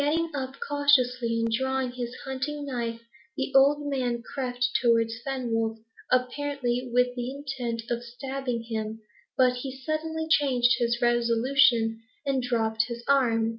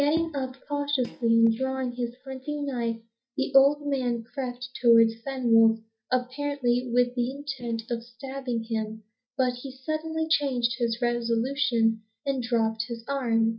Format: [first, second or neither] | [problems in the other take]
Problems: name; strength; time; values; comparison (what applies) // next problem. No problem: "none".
first | noise reduction (neural mask model DeepFilterNet 3)